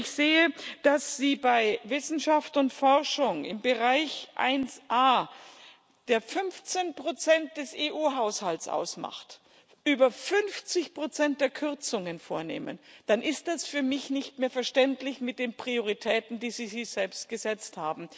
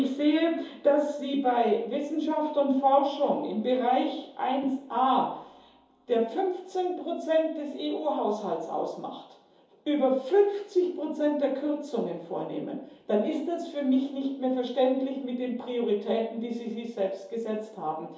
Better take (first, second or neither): first